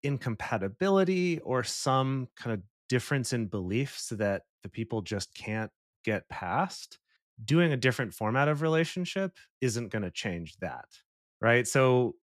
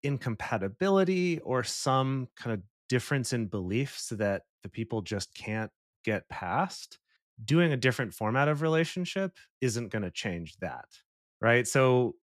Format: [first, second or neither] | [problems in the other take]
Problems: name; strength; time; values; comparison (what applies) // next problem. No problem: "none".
neither | none